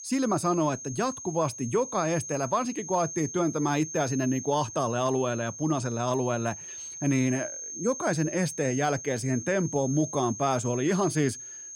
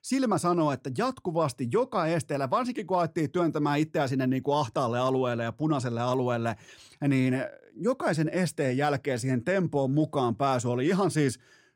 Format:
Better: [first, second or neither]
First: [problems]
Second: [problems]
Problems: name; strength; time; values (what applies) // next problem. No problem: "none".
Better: second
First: high-pitched whine; loud; throughout; 6.5 kHz, 9 dB below the speech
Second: none